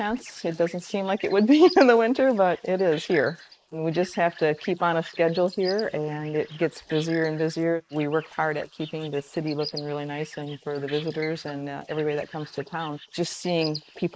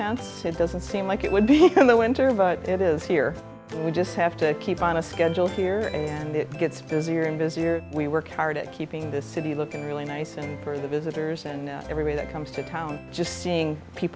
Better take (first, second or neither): second